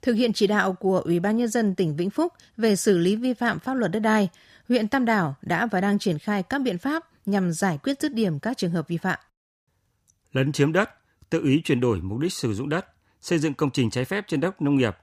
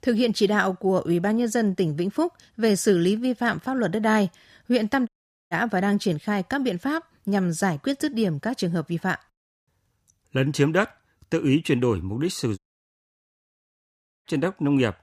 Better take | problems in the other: first | audio cutting out; at 5 s and at 13 s for 1.5 s

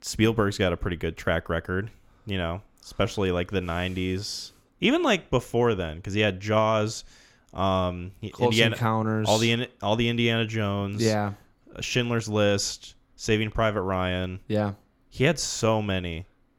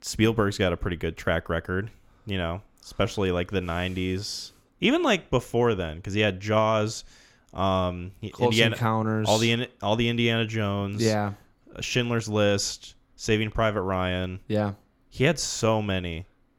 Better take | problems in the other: neither | none

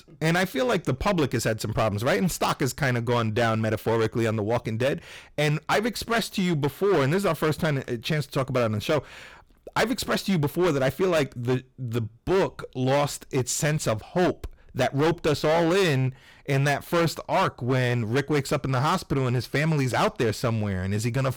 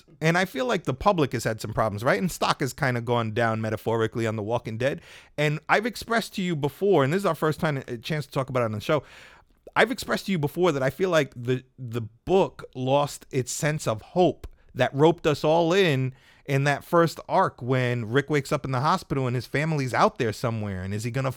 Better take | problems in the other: second | distortion; heavy; 13% of the sound clipped

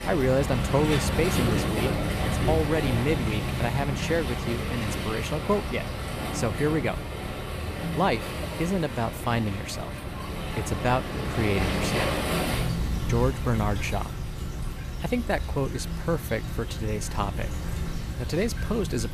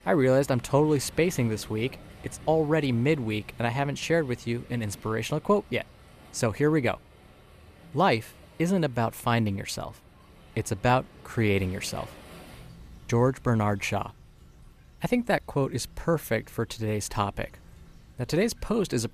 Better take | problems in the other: second | rain or running water; loud; throughout; 1 dB below the speech; faint in the second

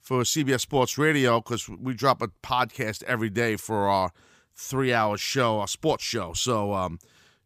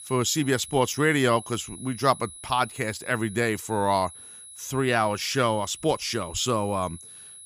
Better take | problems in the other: first | high-pitched whine; noticeable; throughout; 11 kHz, 15 dB below the speech

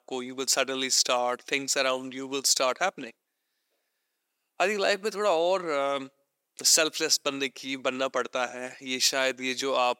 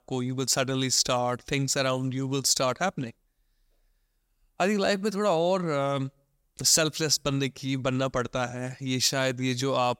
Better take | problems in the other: second | thin; somewhat; fading below 300 Hz

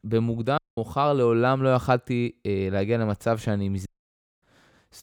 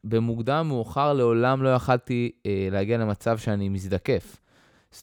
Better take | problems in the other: second | audio cutting out; at 0.5 s and at 4 s for 0.5 s

